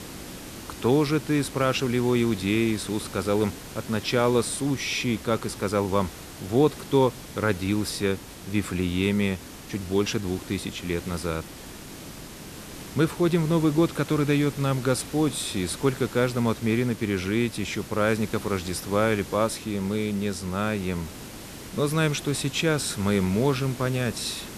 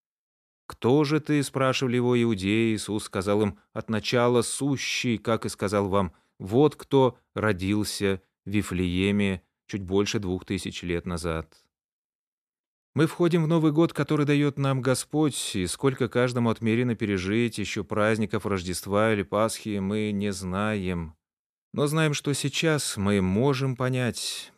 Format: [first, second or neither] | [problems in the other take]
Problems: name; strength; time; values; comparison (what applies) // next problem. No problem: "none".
second | hiss; noticeable; throughout; 15 dB below the speech